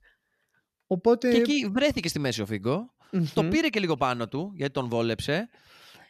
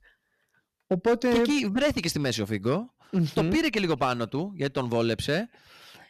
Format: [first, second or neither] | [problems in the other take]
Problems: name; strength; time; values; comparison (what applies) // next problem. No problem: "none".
first | distortion; slight; 5% of the sound clipped